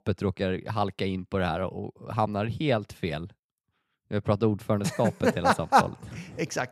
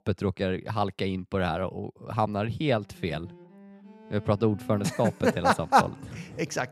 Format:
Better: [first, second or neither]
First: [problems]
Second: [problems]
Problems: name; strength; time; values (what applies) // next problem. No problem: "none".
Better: first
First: none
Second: background music; faint; from 2.5 s on; 20 dB below the speech